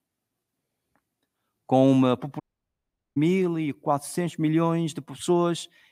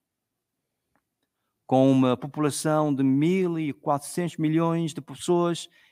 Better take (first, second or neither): second